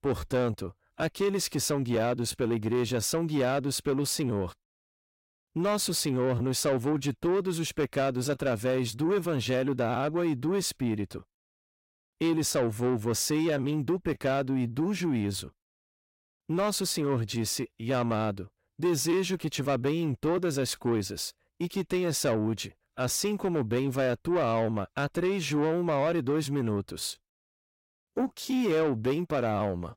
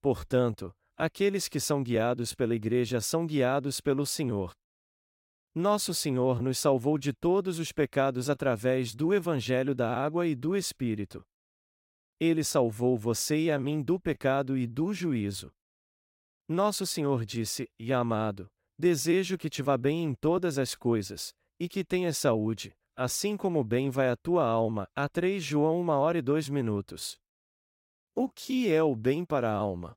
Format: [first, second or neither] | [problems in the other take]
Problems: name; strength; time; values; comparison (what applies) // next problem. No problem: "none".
second | distortion; slight; 10 dB below the speech